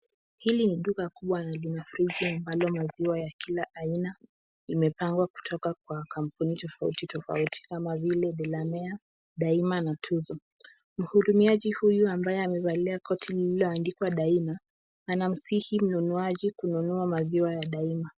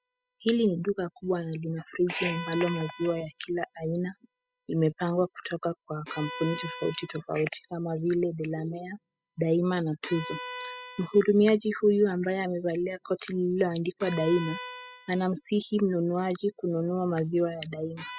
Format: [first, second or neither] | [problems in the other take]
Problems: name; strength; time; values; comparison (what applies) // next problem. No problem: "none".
first | noise reduction (classical method spectral subtraction)